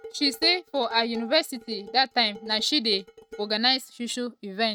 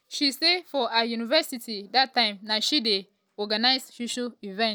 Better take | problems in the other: second | noise reduction (neural mask model RNNoise)

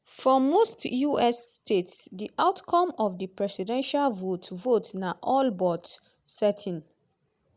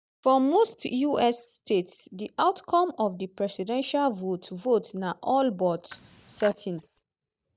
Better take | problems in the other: first | noise reduction (neural mask model DeepFilterNet 3)

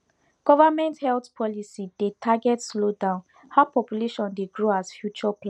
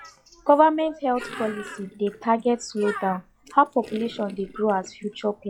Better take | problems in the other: first | noise reduction (classical method log-MMSE)

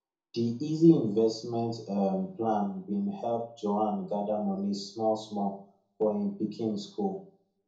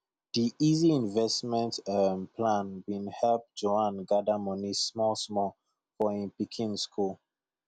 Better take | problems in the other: second | room echo; dies away in 0.6 s

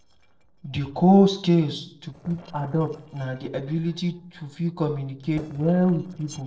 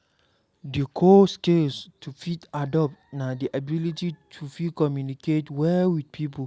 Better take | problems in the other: second | noise reduction (neural separator model SepFormer DNS4)

